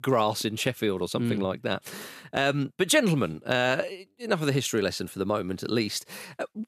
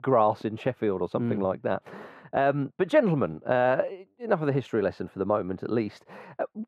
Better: first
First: none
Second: muffled; very; fading above 3.5 kHz

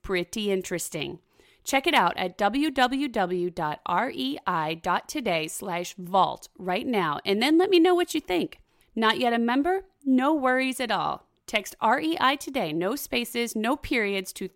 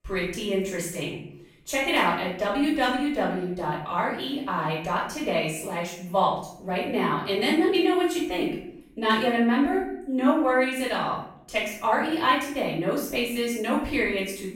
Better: first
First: none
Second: off-mic speech; far // room echo; noticeable; dies away in 0.6 s

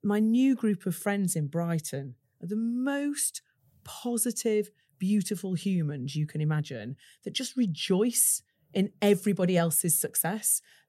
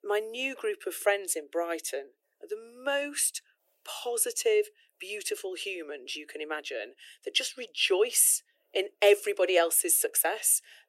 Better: first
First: none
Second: thin; very; fading below 300 Hz

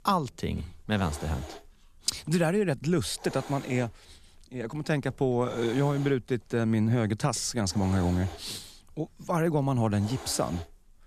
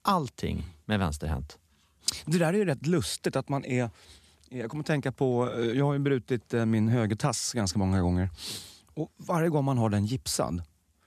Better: second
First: hiss; noticeable; throughout; 15 dB below the speech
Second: none

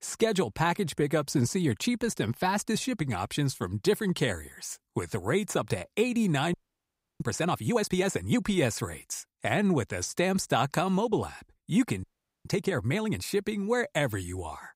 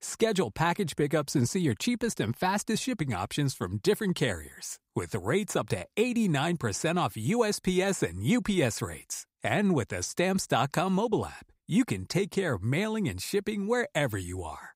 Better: second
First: audio freezing; at 6.5 s for 0.5 s and at 12 s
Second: none

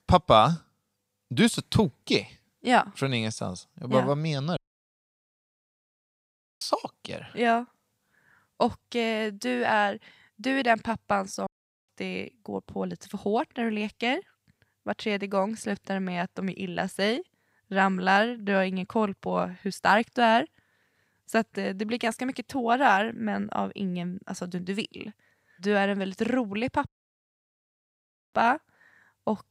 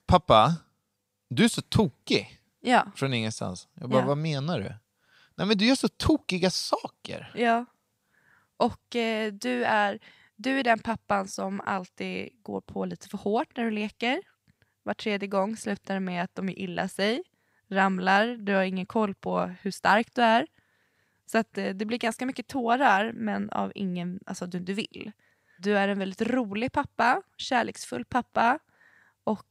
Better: second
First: audio cutting out; at 4.5 s for 2 s, at 11 s and at 27 s for 1.5 s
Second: none

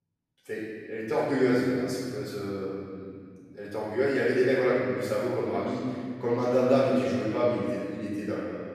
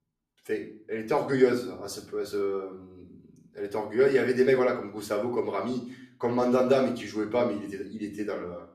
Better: second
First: room echo; strong; dies away in 2.3 s // off-mic speech; far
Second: room echo; slight; dies away in 0.4 s // off-mic speech; far

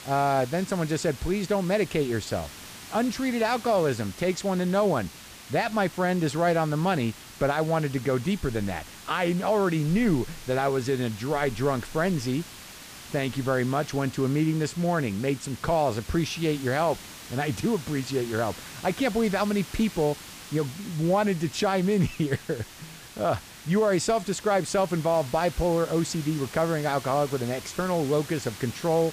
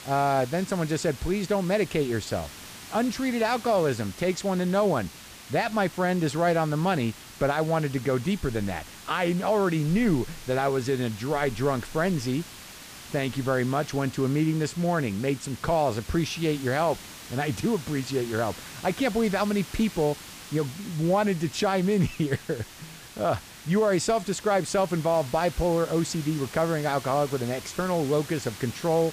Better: neither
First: hiss; noticeable; throughout; 15 dB below the speech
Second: hiss; noticeable; throughout; 15 dB below the speech

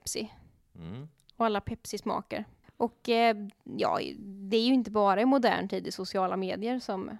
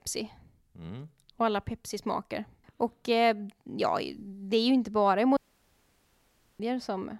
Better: first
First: none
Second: audio cutting out; at 5.5 s for 1 s

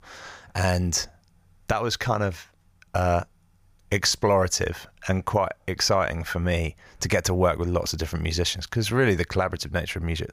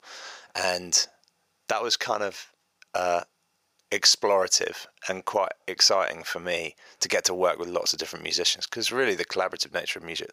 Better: first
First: none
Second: thin; very; fading below 450 Hz

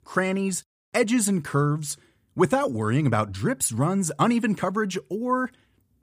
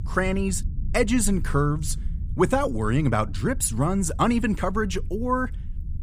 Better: first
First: none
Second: low rumble; faint; throughout; 25 dB below the speech

